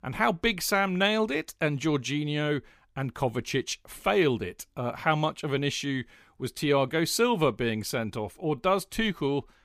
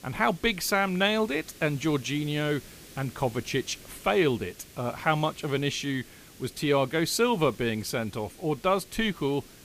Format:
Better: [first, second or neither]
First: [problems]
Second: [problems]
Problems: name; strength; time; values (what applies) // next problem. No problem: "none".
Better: first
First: none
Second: hiss; faint; throughout; 20 dB below the speech